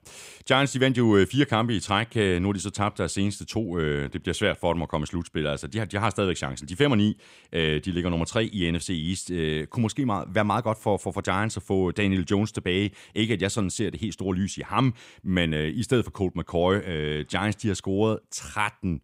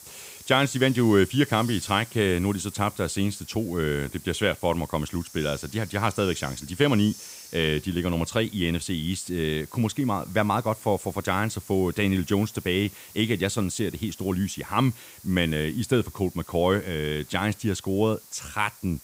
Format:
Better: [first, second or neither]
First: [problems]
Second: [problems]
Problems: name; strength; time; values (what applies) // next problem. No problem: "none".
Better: first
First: none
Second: hiss; noticeable; throughout; 20 dB below the speech